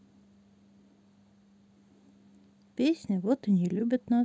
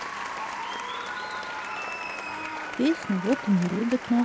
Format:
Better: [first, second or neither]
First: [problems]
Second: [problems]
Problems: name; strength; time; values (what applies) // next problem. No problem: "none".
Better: first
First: none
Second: background sound (Applause); 5 dB below the speech